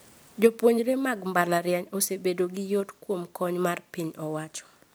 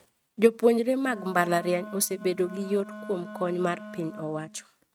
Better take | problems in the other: first | noise reduction (neural mask model RNNoise)

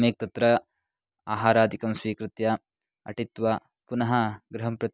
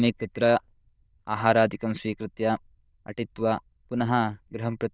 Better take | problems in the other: first | noise reduction (neural diffusion model UNIVERSE++)

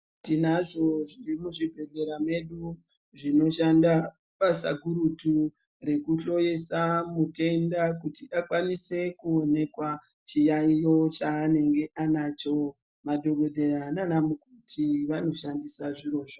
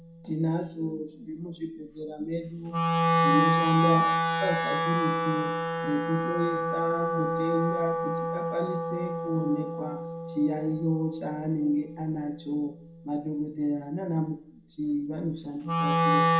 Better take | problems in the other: first | background sound (Wind instrument, woodwind instrument); 1 dB above the speech // room echo; dies away in 0.4 s

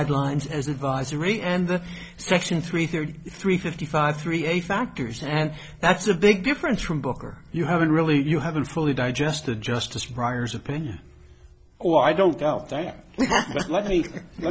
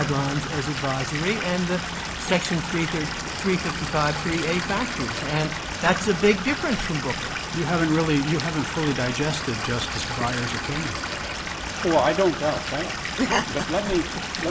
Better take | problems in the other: first | background sound (Stream / Liquid); 4 dB below the speech

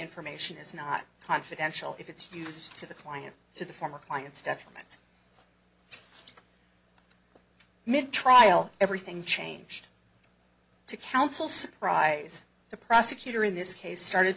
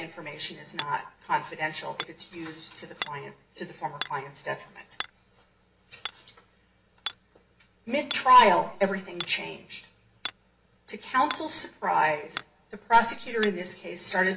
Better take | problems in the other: first | background sound (Hammer); 15 dB below the speech // room echo; dies away in 0.7 s

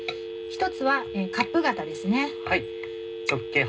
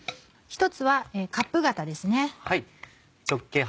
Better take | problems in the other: second | background sound (Telephone); 7 dB below the speech // room echo; dies away in 0.2 s

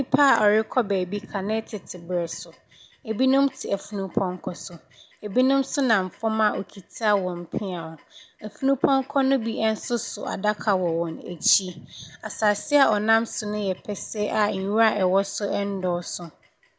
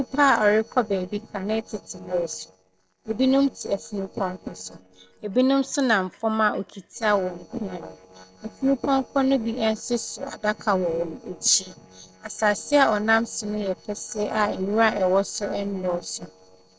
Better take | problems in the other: first | noise reduction (neural separator model SepFormer DNS4)

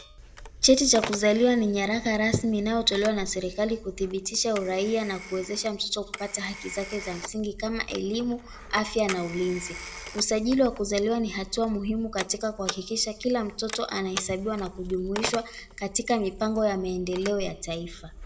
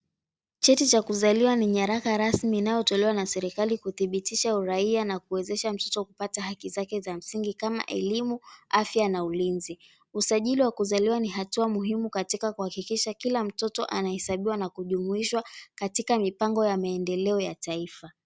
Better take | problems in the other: second | background sound (Telephone); 13 dB below the speech // room echo; dies away in 0.7 s

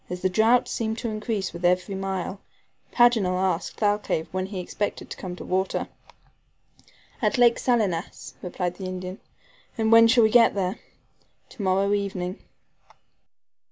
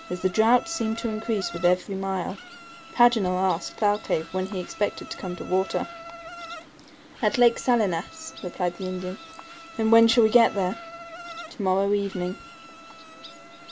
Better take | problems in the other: first | background sound (Insect); 16 dB below the speech

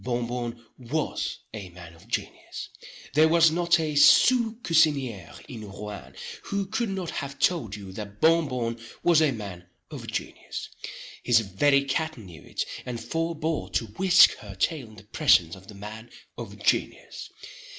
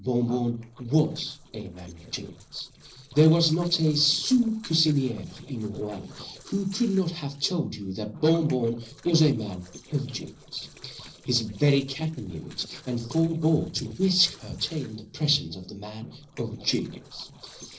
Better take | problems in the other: first | noise reduction (neural separator model SepFormer DNS4)

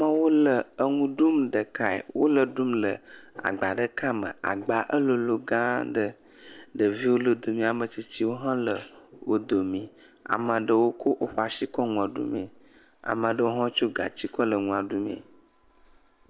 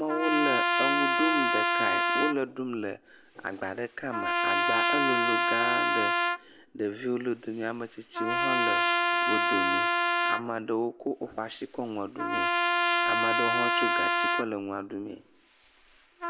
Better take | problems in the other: first | background sound (Trumpet); 5 dB above the speech

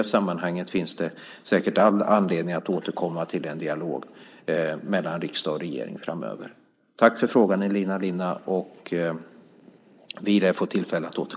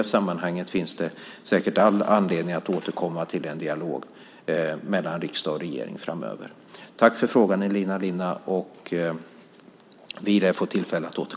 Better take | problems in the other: second | noise reduction (neural mask model Resemble Enhance denoiser)

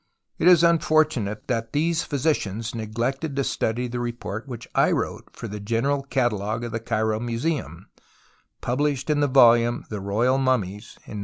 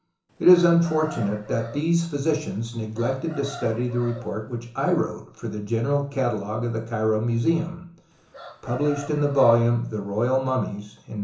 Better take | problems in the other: first | background sound (Chicken, rooster); 18 dB below the speech // room echo; dies away in 0.7 s

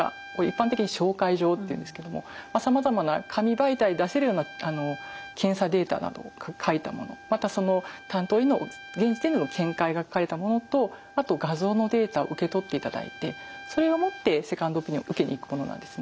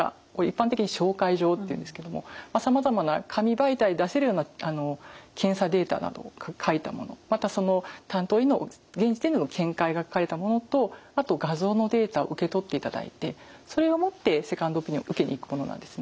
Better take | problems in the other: second | background sound (Trumpet); 19 dB below the speech

